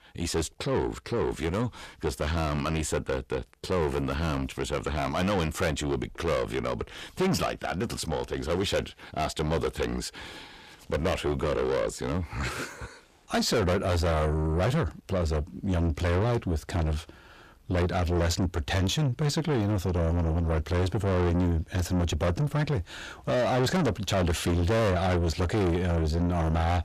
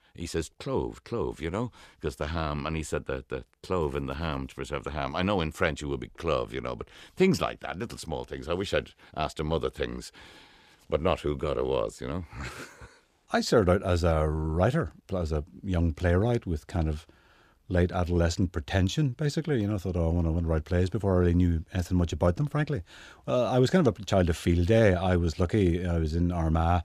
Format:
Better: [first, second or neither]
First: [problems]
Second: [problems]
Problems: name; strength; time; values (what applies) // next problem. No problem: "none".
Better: second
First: distortion; heavy; 5 dB below the speech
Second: none